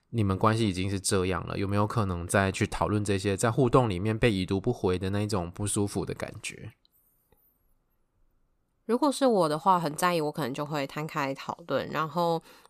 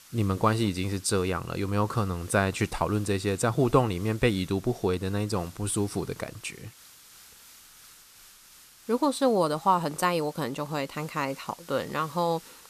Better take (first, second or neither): first